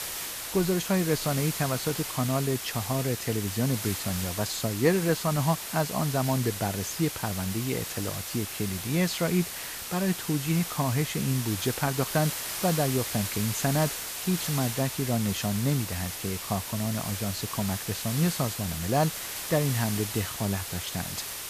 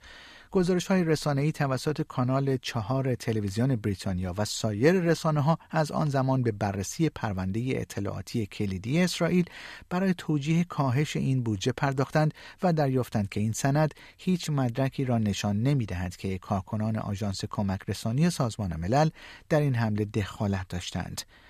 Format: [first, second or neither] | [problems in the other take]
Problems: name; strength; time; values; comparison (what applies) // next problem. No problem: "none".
second | hiss; loud; throughout; 4 dB below the speech